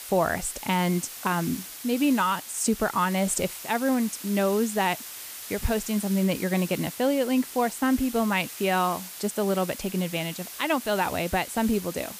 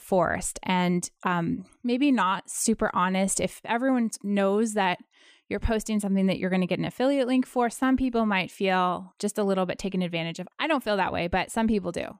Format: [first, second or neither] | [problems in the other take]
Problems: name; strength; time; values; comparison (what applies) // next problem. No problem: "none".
second | hiss; noticeable; throughout; 10 dB below the speech